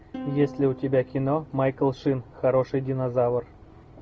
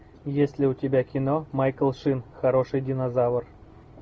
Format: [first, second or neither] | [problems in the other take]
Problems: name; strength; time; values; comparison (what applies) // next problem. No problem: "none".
second | background sound (Plucked string instrument); 18 dB below the speech